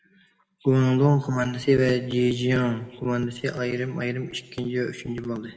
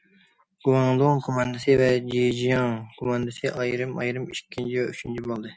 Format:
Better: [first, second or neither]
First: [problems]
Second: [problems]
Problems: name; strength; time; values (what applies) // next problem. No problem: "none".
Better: second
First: room echo; dies away in 1 s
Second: none